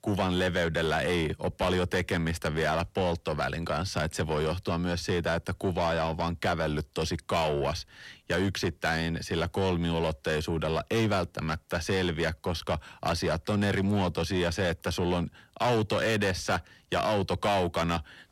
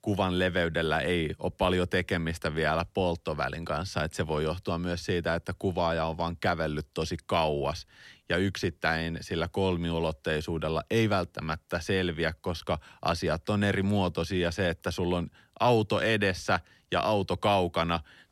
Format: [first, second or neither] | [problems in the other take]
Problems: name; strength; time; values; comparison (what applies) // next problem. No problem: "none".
second | distortion; slight; 10 dB below the speech